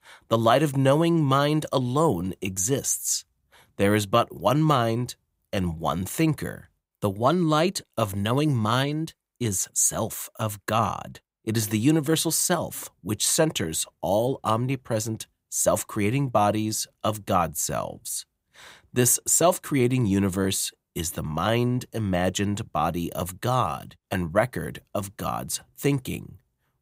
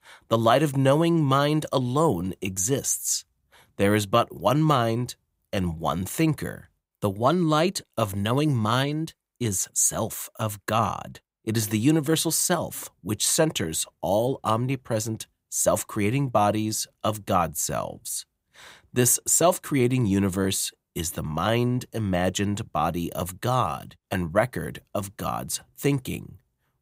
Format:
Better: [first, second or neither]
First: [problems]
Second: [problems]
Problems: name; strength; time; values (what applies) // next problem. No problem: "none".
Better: neither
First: none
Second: none